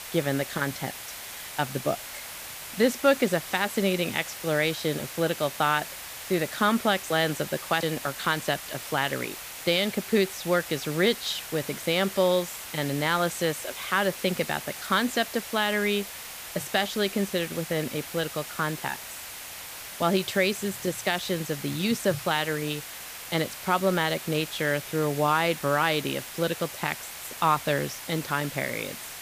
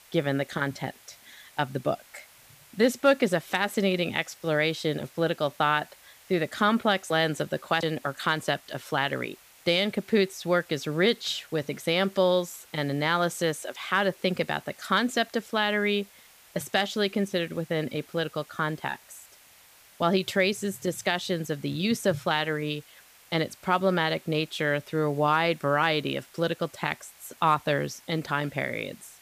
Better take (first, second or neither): second